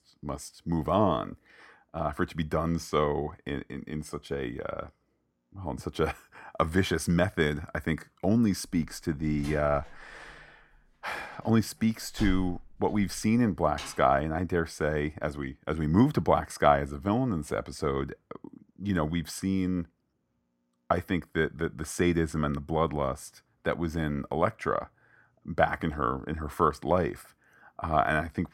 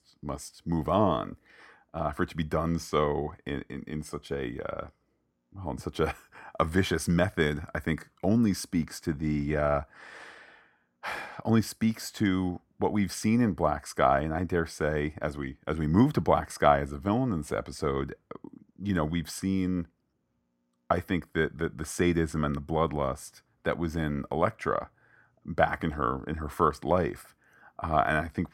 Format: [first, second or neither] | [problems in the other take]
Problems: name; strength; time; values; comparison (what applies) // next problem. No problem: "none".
second | door banging; noticeable; from 9 to 14 s; peak 9 dB below the speech